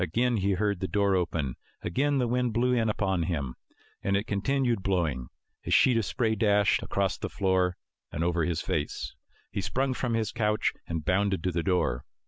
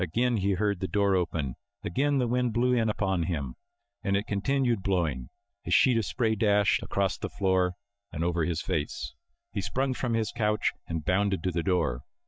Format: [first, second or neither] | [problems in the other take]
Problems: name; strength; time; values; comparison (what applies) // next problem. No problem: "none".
first | noise reduction (neural mask model DeepFilterNet 3)